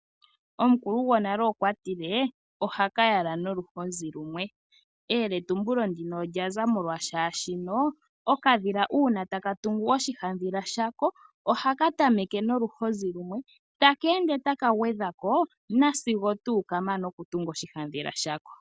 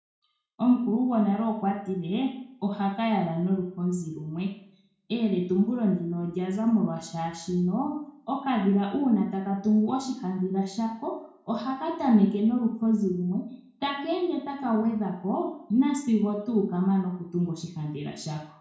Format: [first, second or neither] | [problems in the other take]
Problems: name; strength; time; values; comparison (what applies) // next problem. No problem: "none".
first | room echo; dies away in 0.5 s